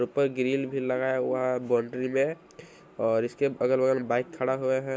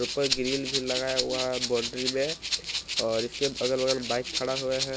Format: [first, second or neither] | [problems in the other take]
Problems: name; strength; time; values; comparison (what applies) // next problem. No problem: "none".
first | background sound (Rattle (instrument)); 3 dB below the speech